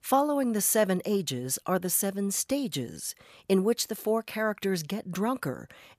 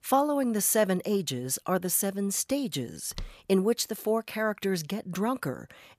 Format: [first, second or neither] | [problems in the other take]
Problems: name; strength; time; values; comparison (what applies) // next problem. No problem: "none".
first | footsteps; faint; at 3 s; peak 15 dB below the speech